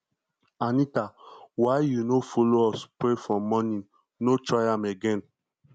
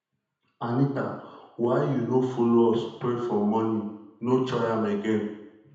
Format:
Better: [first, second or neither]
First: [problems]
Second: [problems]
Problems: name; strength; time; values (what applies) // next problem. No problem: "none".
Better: first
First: none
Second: room echo; dies away in 0.8 s